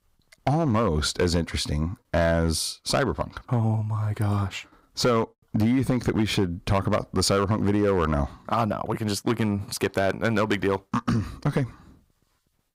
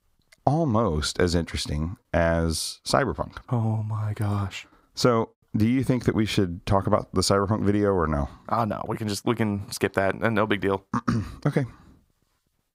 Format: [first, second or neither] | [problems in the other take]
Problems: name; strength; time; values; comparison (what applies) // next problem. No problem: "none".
second | distortion; slight; 5% of the sound clipped